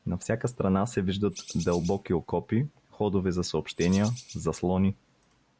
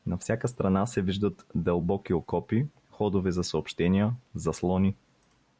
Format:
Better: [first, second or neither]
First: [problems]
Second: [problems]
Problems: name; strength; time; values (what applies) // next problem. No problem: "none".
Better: second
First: background sound (Bird); 16 dB below the speech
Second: none